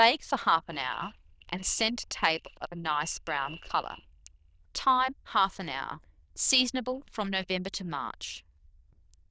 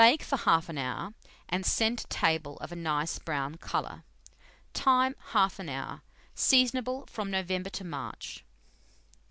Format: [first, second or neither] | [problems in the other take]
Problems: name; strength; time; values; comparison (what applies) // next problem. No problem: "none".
second | noise reduction (neural diffusion model UNIVERSE++)